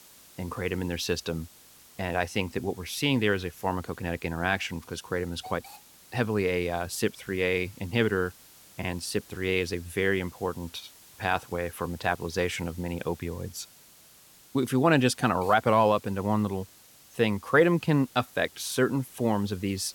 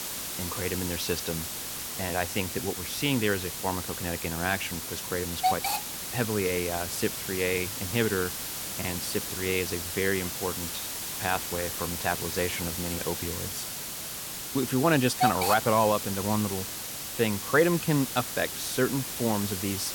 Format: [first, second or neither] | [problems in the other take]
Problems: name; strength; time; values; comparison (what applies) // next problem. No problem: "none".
first | hiss; loud; throughout; 3 dB below the speech; faint in the first